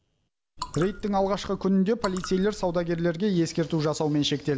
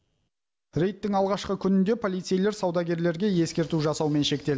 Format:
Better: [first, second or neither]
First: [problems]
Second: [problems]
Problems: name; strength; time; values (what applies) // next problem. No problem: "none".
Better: second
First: background sound (Raindrop / Drip); 14 dB below the speech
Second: none